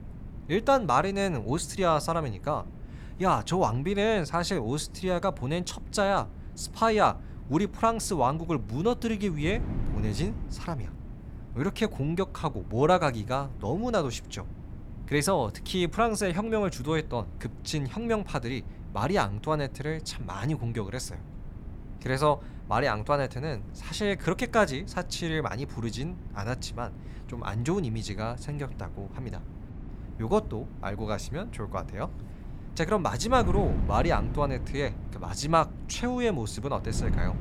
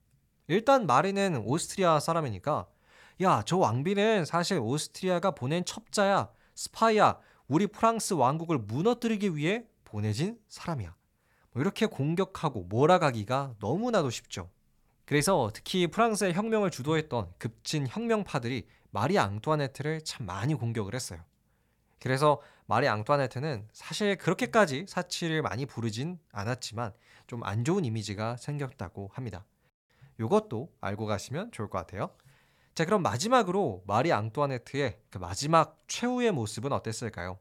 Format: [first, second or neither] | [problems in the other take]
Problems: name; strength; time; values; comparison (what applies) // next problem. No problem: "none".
second | wind noise on the microphone; occasional gusts; 20 dB below the speech